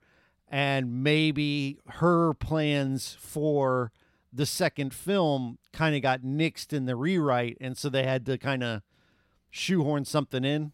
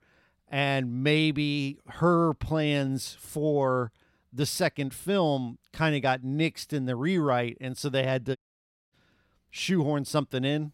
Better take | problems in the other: first | audio cutting out; at 8.5 s for 0.5 s

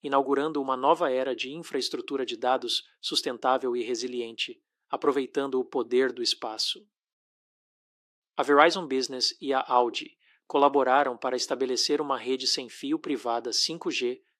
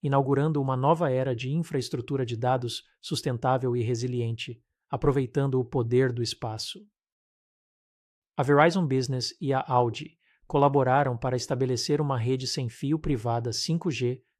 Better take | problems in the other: second | thin; somewhat; fading below 250 Hz

